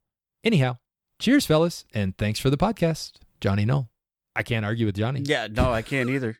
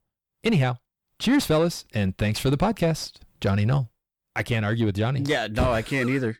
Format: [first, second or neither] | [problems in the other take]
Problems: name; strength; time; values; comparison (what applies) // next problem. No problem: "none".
first | distortion; slight; 10 dB below the speech